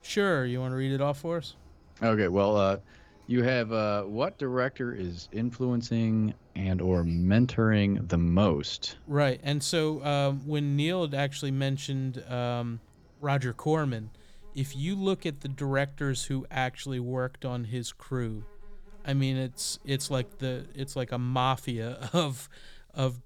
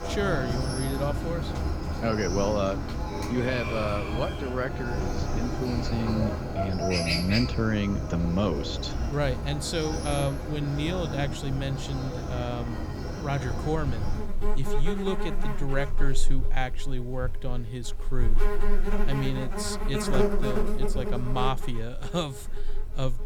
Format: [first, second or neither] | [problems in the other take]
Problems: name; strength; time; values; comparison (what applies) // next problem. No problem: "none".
first | animal sounds; loud; throughout; 1 dB below the speech; faint in the first